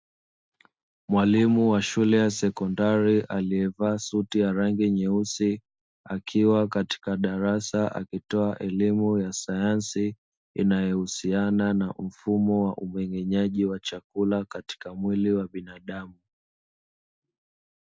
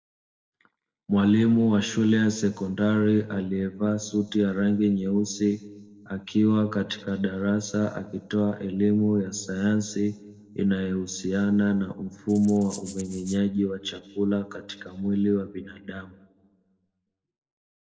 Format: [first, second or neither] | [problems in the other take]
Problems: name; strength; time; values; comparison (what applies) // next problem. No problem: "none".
first | noise reduction (neural separator model SepFormer DNS4)